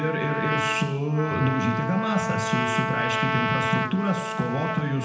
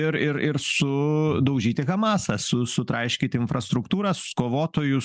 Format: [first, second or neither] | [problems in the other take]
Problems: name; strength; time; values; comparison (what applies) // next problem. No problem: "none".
second | background sound (Trumpet); 2 dB below the speech // room echo; dies away in 0.7 s